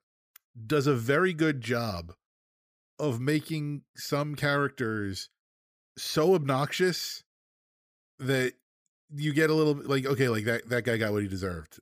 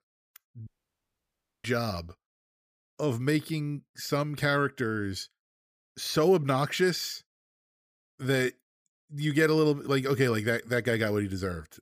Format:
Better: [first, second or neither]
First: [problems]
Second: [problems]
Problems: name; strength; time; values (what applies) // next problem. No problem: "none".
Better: first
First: none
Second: audio cutting out; at 0.5 s for 1 s